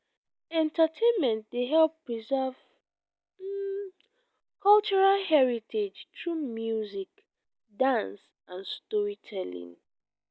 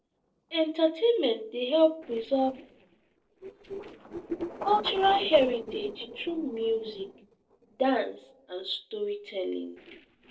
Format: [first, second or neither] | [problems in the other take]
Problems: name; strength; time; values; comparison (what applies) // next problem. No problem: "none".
first | noise reduction (neural separator model SepFormer DNS4)